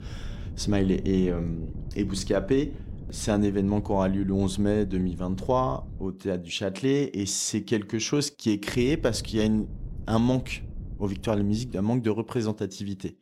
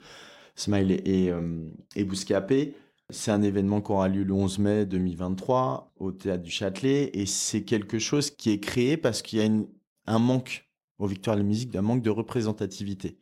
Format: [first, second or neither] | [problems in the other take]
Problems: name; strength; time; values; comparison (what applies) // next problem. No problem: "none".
second | wind noise on the microphone; occasional gusts; until 6 s and from 8.5 to 12 s; 20 dB below the speech